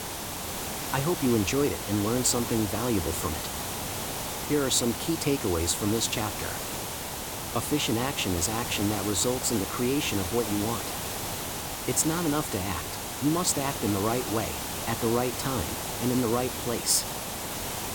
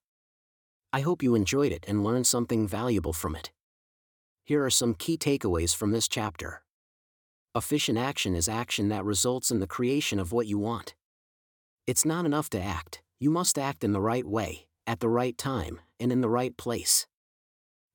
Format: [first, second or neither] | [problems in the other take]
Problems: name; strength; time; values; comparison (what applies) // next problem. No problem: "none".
second | hiss; loud; throughout; 4 dB below the speech